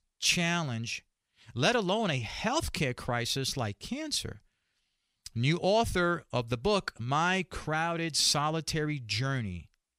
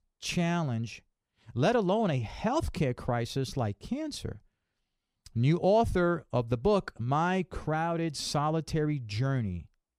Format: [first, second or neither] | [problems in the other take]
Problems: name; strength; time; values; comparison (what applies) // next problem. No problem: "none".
first | muffled; slightly; fading above 1.5 kHz